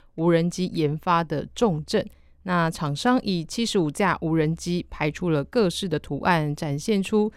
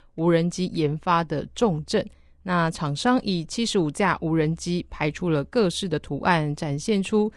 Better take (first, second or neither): first